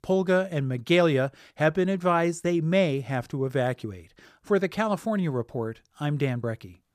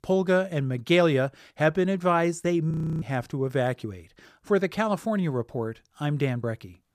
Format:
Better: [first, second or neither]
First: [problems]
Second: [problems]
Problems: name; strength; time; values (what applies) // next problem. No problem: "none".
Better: first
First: none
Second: audio freezing; at 2.5 s